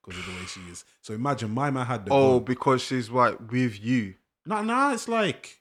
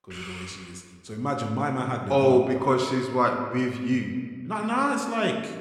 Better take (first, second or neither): first